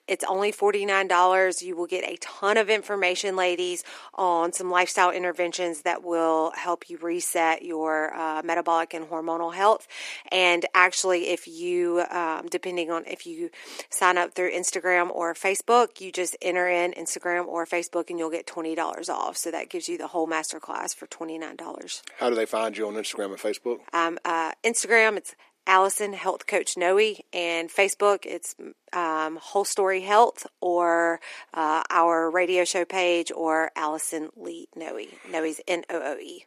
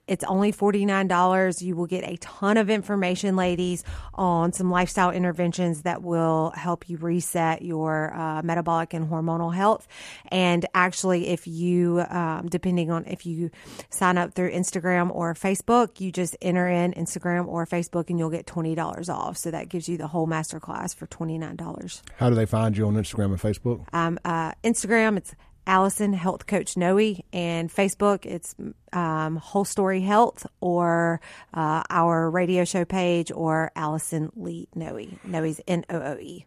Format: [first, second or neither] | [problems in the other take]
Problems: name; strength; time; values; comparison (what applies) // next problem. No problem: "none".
second | thin; very; fading below 300 Hz